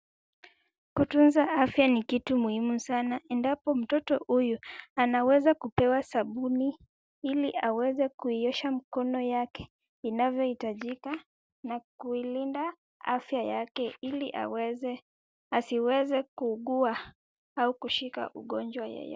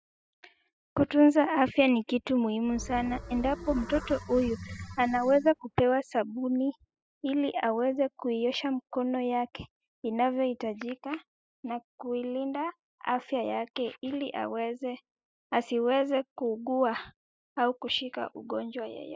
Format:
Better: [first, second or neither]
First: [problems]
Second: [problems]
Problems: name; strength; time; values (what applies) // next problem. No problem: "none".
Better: first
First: none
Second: noise reduction (classical method spectral subtraction)